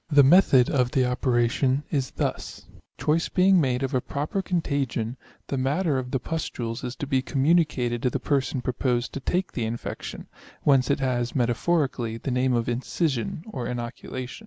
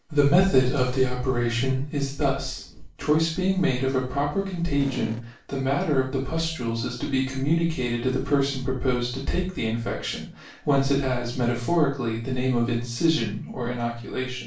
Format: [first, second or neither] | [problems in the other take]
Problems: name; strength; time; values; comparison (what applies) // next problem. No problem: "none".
first | background sound (Fart); 11 dB below the speech // room echo; dies away in 0.3 s